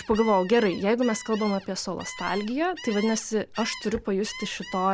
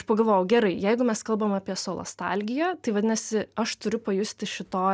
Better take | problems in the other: second | background sound (Gull, seagull); 15 dB below the speech

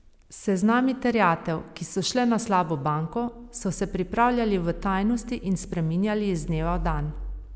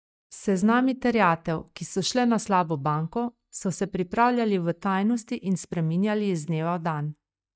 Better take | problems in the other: first | noise reduction (neural mask model DeepFilterNet 3)

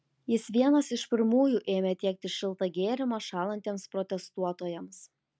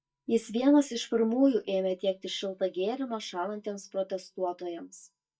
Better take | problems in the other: first | noise reduction (neural mask model DeepFilterNet 3)

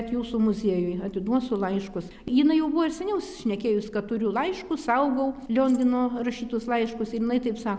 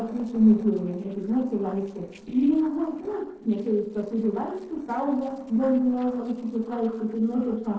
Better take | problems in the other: first | noise reduction (neural separator model SepFormer DNS4)

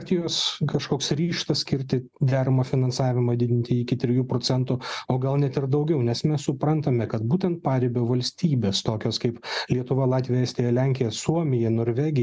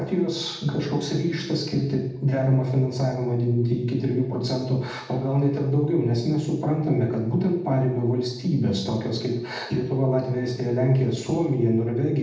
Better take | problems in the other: first | room echo; dies away in 0.8 s

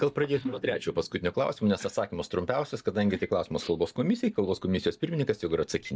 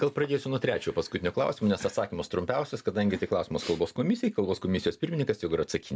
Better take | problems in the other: second | noise reduction (neural mask model DeepFilterNet 3)

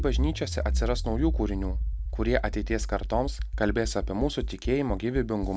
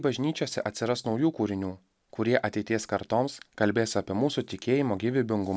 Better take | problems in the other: second | background sound (Accelerating, revving, vroom); 1 dB below the speech

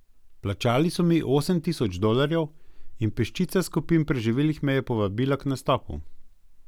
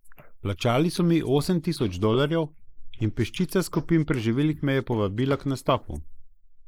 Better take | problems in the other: first | noise reduction (neural mask model Resemble Enhance denoiser)

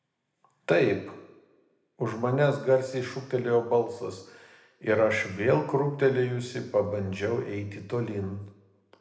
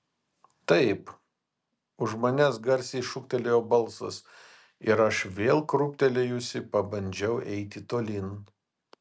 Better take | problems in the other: second | room echo; dies away in 0.9 s

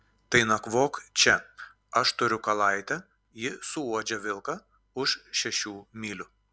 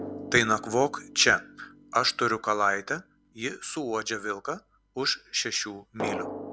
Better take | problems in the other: first | background sound (Drum); 13 dB below the speech

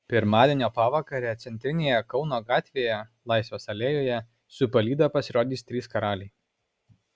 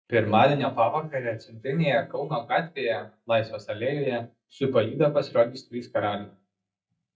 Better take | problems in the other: first | noise reduction (neural mask model DeepFilterNet 3)

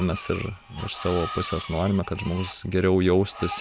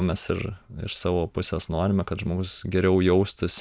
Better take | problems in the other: second | background sound (Screech); 13 dB below the speech

